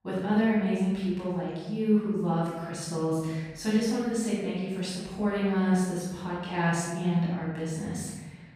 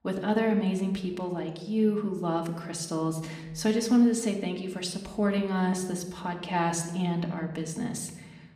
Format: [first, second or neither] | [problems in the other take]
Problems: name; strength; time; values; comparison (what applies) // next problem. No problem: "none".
second | room echo; strong; dies away in 1.4 s; slight in the second // off-mic speech; far; somewhat distant in the second